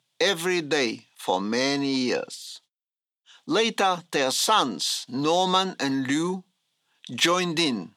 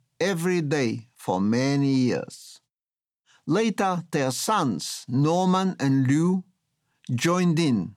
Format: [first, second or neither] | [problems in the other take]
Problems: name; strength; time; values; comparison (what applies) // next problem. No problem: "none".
second | thin; somewhat; fading below 350 Hz